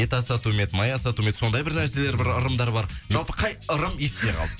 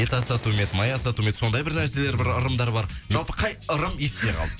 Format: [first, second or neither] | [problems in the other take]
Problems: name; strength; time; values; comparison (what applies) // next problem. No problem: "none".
first | background sound (Fire); 20 dB below the speech